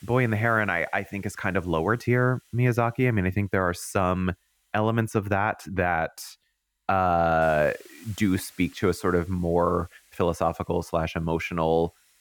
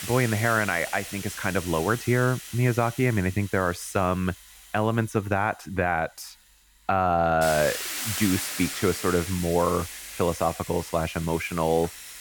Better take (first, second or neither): first